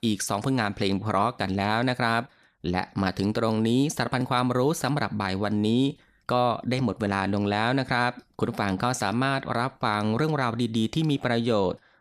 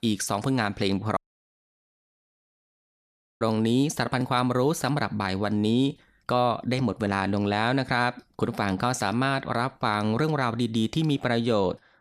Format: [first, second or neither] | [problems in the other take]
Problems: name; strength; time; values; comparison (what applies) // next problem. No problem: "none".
first | audio cutting out; at 1 s for 2 s